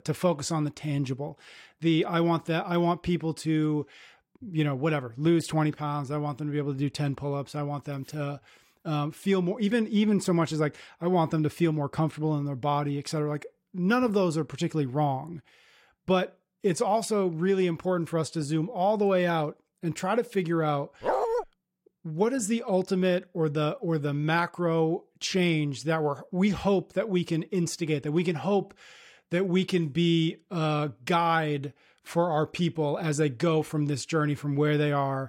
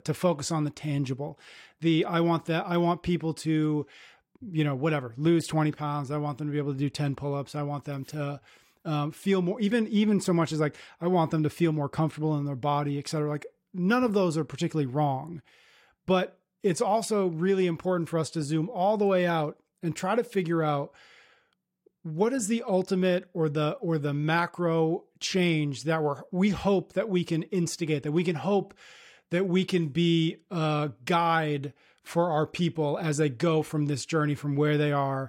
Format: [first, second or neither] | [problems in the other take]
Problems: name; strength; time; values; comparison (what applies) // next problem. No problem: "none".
second | dog barking; loud; at 21 s; peak 1 dB above the speech